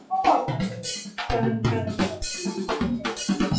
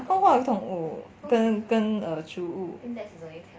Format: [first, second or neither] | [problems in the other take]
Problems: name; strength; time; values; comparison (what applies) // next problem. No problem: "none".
second | noise reduction (classical method WPE with log-MMSE)